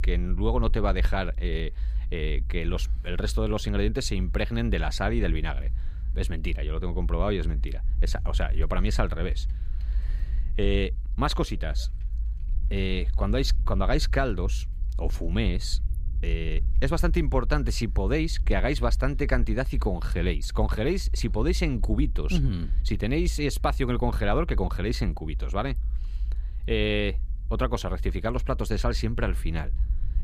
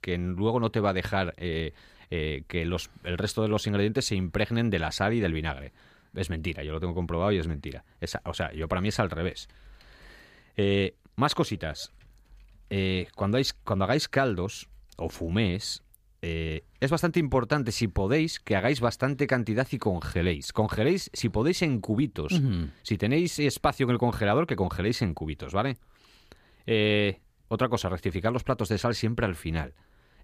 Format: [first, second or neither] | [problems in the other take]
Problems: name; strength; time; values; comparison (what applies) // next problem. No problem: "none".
second | low rumble; faint; throughout; 20 dB below the speech